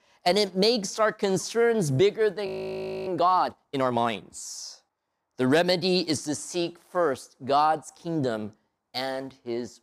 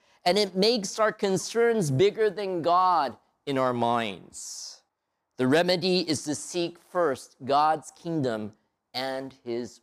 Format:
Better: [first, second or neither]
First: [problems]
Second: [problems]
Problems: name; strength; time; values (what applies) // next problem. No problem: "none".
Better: second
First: audio freezing; at 2.5 s for 0.5 s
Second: none